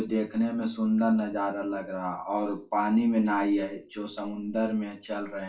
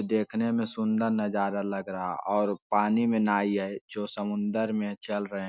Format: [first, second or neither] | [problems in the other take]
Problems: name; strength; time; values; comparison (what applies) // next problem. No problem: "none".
second | room echo; dies away in 0.3 s